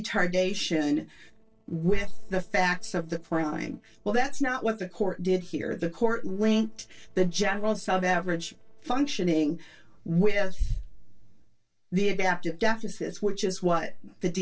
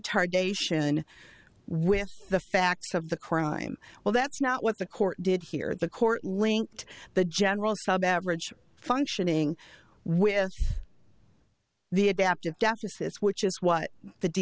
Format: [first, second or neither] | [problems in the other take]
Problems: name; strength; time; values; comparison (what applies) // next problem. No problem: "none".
second | noise reduction (neural separator model SepFormer DNS4)